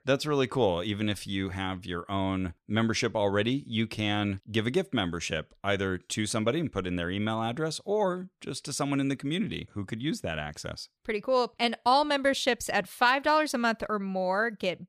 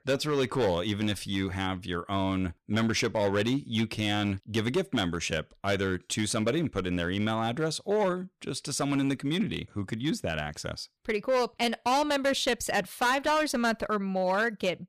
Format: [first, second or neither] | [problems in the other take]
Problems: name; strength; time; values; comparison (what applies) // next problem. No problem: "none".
first | distortion; slight; 7% of the sound clipped